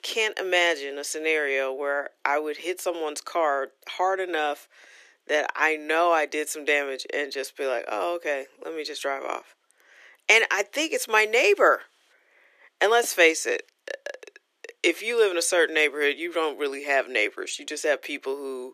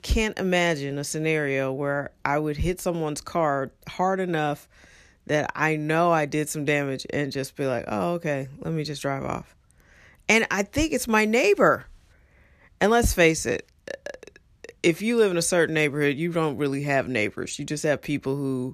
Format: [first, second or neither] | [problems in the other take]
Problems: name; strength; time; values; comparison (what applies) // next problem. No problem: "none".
second | thin; very; fading below 350 Hz